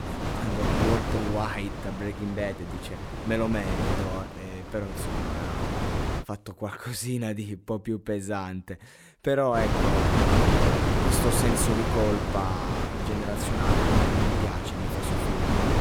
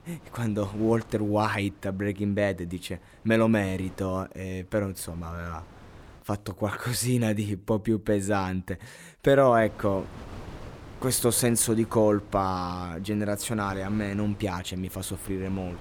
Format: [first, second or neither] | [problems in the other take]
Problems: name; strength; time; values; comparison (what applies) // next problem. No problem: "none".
second | wind noise on the microphone; heavy; until 6 s and from 9.5 s on; 3 dB above the speech; occasional gusts in the second